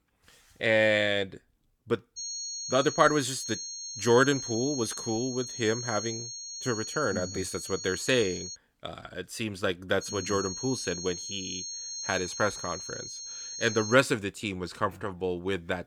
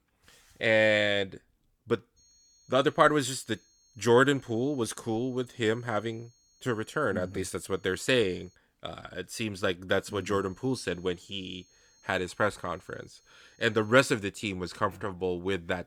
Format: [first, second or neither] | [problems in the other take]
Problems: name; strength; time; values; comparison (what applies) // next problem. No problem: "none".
second | high-pitched whine; loud; from 2 to 8.5 s and from 10 to 14 s; 6.5 kHz, 7 dB below the speech; faint in the second